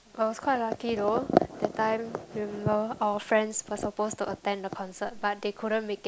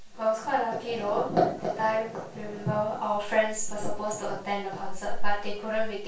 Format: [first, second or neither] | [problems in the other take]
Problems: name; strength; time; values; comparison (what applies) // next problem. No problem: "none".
first | room echo; dies away in 0.3 s